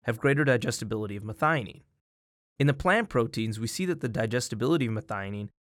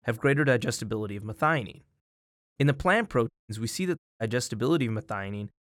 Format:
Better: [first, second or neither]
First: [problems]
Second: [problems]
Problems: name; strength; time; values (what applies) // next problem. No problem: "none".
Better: first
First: none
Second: audio cutting out; at 3.5 s and at 4 s